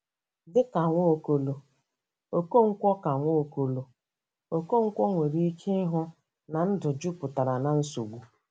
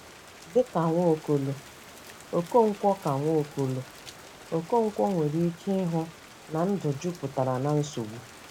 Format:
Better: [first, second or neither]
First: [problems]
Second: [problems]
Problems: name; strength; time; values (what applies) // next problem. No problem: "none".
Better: first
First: none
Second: background sound (Rain); 19 dB below the speech